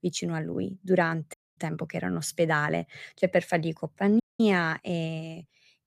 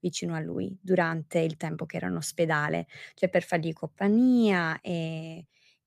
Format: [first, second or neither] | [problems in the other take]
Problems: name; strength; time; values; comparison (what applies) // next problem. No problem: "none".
second | audio cutting out; at 1.5 s and at 4 s